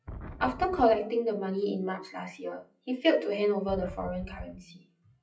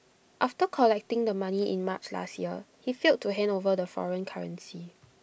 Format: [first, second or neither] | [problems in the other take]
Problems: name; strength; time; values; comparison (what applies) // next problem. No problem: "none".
second | noise reduction (classical method WPE with log-MMSE)